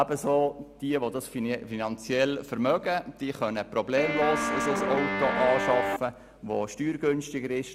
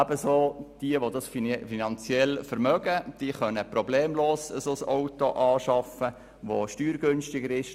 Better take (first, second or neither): second